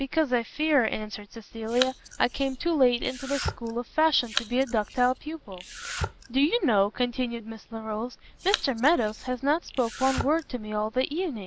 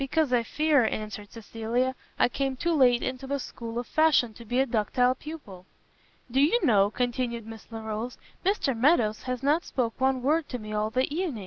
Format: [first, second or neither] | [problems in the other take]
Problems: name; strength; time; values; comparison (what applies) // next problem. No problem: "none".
second | background sound (Domestic sounds, home sounds); 10 dB below the speech